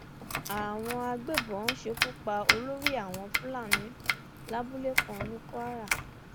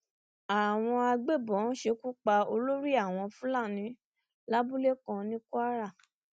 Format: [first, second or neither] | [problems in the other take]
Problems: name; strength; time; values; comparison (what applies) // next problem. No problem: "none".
second | background sound (Domestic sounds, home sounds); 2 dB above the speech